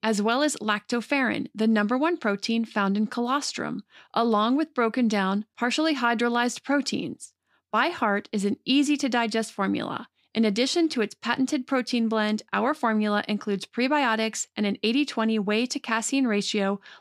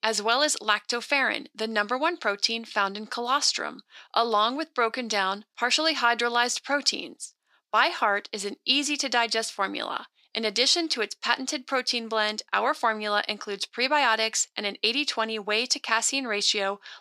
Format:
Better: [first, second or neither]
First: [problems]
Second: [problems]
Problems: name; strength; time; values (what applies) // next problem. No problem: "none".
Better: first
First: none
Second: thin; somewhat; fading below 550 Hz